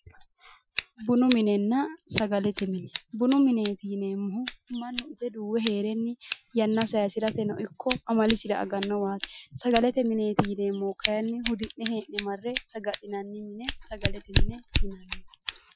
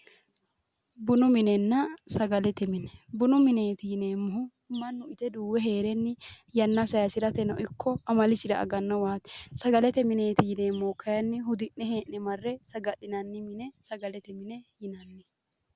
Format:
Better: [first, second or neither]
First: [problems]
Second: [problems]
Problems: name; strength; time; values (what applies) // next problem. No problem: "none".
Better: second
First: noise reduction (classical method Wiener filter)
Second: none